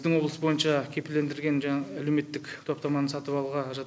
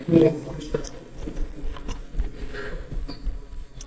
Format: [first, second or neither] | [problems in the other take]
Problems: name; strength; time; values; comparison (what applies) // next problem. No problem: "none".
first | noise reduction (neural mask model DeepFilterNet 3)